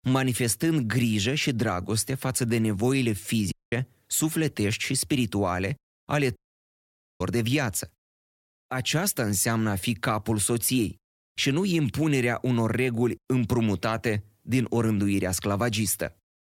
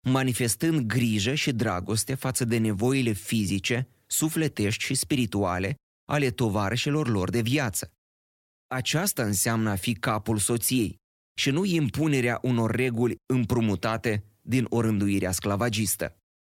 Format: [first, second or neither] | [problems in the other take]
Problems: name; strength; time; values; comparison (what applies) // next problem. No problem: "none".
second | audio cutting out; at 3.5 s and at 6.5 s for 1 s